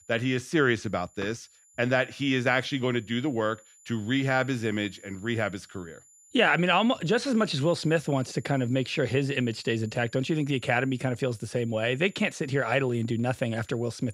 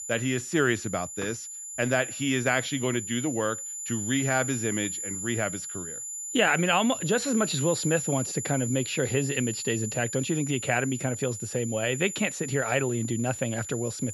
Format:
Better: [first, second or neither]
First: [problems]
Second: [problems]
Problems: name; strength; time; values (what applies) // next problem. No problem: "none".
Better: first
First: high-pitched whine; faint; throughout; 7 kHz, 25 dB below the speech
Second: high-pitched whine; loud; throughout; 7 kHz, 6 dB below the speech